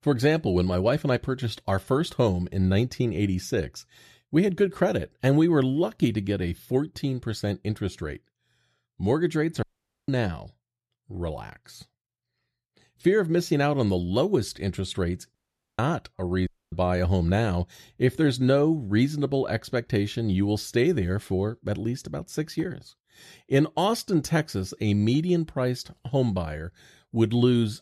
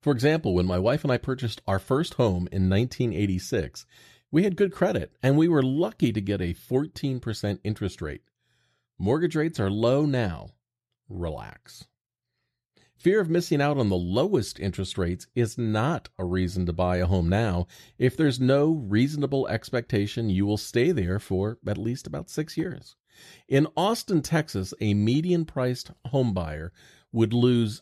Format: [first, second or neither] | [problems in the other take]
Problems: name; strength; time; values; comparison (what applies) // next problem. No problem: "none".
second | audio cutting out; at 9.5 s, at 15 s and at 16 s